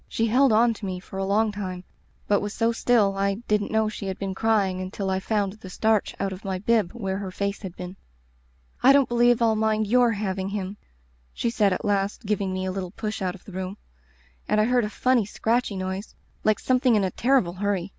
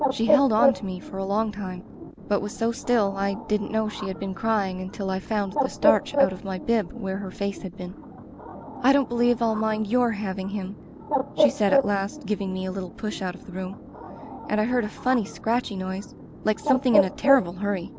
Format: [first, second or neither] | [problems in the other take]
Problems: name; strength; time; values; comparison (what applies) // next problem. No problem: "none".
first | background sound (Bird); 3 dB below the speech